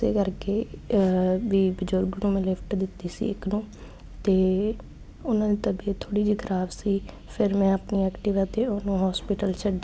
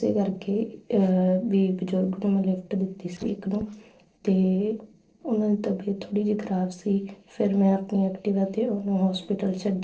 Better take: first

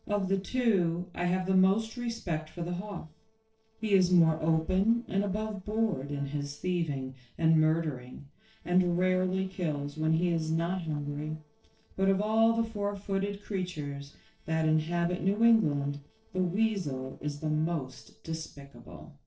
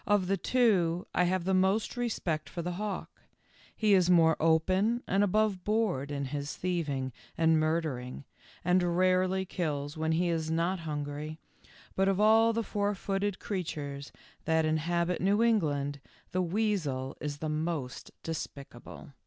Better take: second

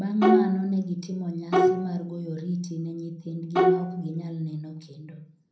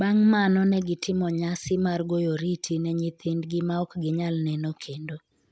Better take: second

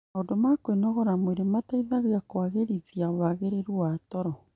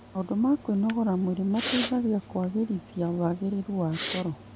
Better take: first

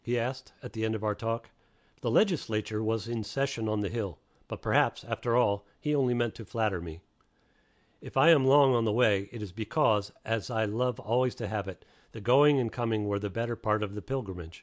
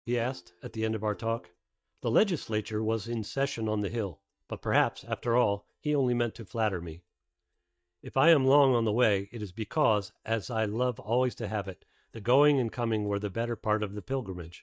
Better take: first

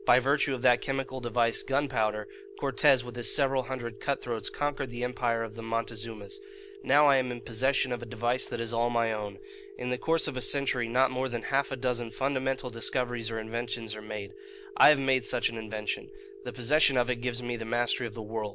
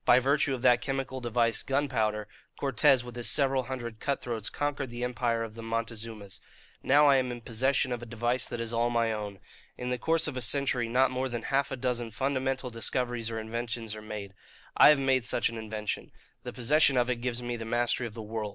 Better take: second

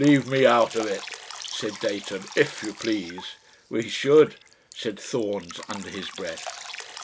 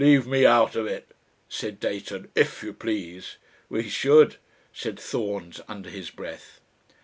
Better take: second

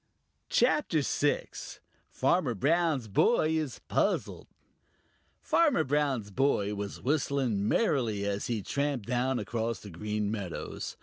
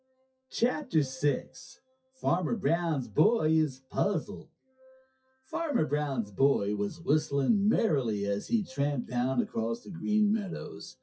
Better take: first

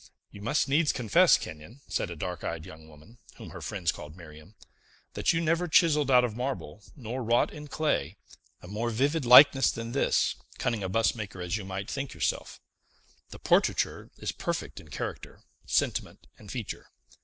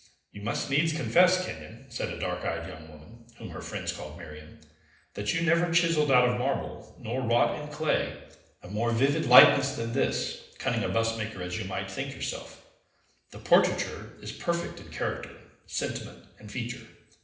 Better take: first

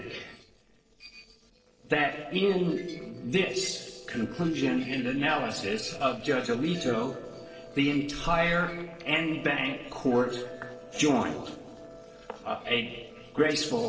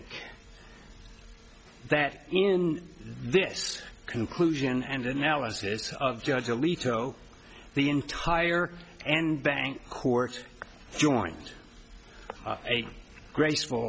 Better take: second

